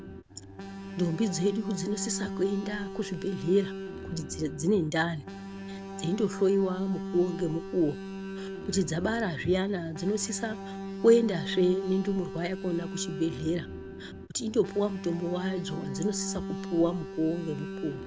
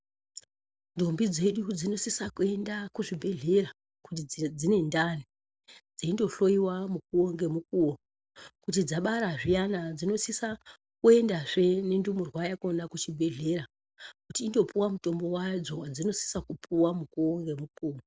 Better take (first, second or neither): second